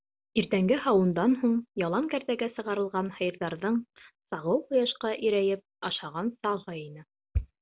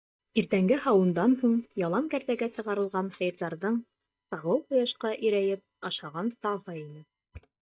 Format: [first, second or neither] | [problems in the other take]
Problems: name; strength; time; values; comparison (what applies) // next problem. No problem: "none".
first | noise reduction (neural mask model DeepFilterNet 3)